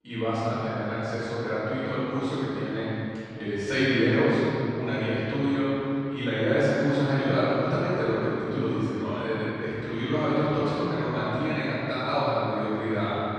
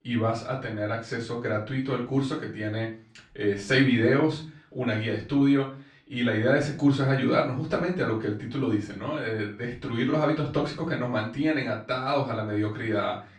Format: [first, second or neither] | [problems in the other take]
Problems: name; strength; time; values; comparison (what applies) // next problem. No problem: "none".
second | room echo; strong; dies away in 2.8 s; slight in the second // off-mic speech; far; far in the second